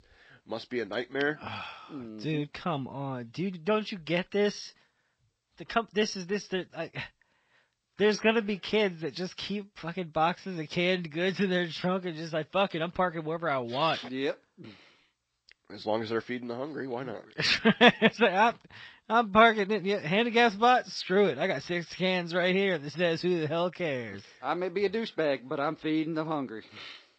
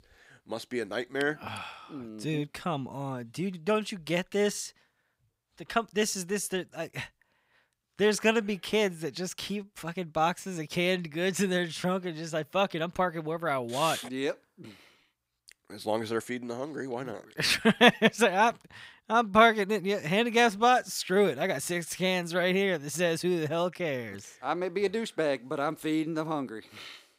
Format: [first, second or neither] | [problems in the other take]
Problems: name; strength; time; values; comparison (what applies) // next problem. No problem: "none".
second | garbled, watery; slightly